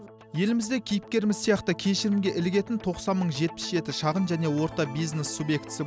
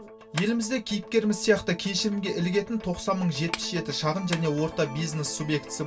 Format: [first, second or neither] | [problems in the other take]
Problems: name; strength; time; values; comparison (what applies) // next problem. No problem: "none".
first | background sound (Clapping); 17 dB below the speech // room echo; dies away in 0.1 s